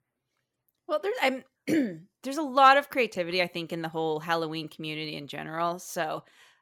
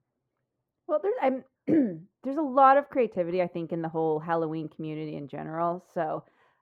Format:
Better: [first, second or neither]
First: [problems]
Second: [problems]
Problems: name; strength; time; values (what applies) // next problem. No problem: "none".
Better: first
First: none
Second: muffled; very; fading above 2 kHz